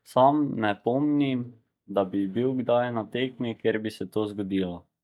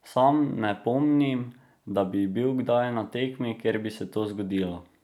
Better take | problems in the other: second | noise reduction (neural mask model DeepFilterNet 3)

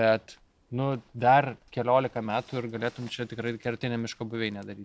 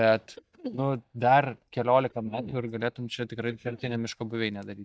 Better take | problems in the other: first | noise reduction (neural mask model DeepFilterNet 3)

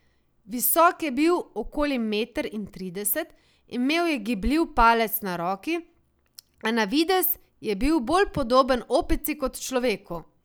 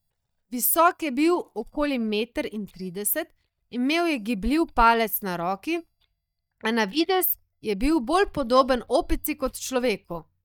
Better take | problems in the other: first | noise reduction (neural mask model DeepFilterNet 3)

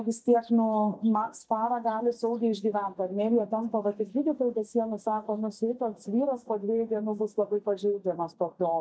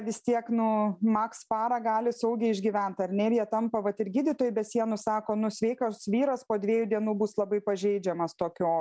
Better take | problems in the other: second | noise reduction (neural mask model DeepFilterNet 3)

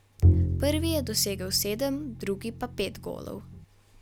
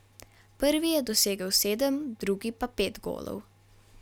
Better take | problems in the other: second | background sound (Bowed string instrument); 3 dB above the speech

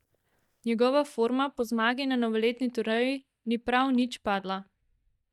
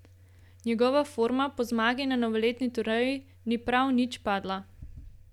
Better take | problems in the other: second | noise reduction (neural mask model DeepFilterNet 3)

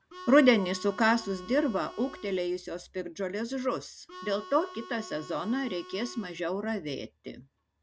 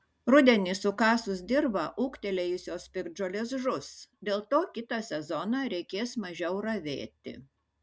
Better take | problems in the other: second | background sound (Harmonica); 16 dB below the speech

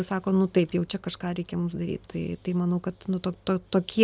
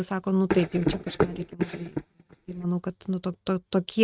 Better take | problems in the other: first | noise reduction (neural mask model RNNoise)

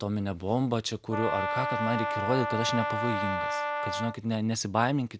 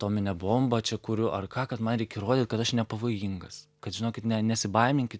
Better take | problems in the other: second | background sound (Brass instrument); 3 dB below the speech

